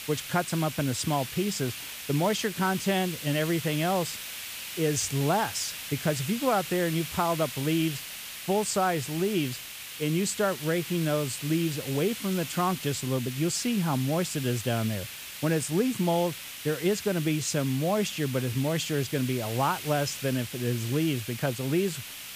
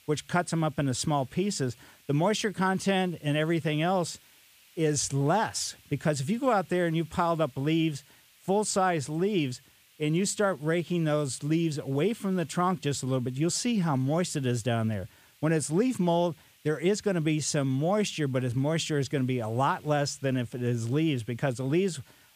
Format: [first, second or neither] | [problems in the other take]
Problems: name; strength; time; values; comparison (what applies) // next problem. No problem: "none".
second | hiss; loud; throughout; 8 dB below the speech; faint in the second